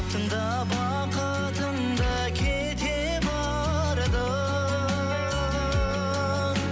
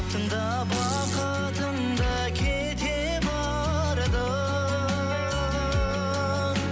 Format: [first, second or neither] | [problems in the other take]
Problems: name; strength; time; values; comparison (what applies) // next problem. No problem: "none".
first | background sound (Fart); 14 dB below the speech